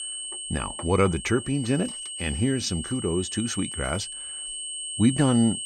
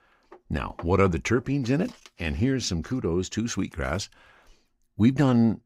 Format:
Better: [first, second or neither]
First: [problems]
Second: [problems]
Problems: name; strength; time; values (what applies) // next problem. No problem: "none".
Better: second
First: high-pitched whine; loud; throughout; 8.5 kHz, 7 dB below the speech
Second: none